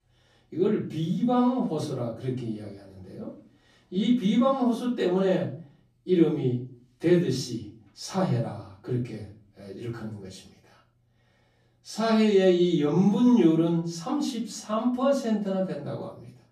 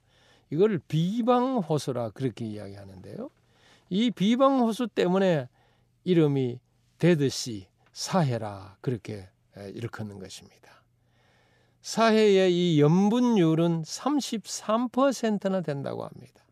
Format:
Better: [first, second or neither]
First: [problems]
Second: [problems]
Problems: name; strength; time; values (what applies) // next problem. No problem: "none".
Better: second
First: off-mic speech; far // room echo; slight; dies away in 0.4 s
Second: none